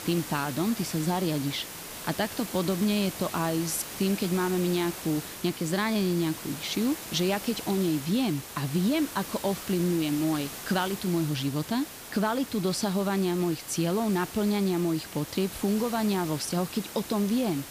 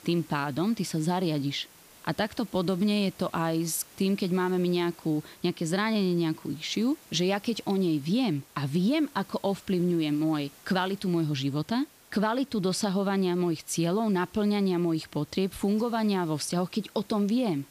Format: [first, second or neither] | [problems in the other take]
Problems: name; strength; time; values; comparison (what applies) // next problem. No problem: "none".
second | hiss; loud; throughout; 10 dB below the speech; faint in the second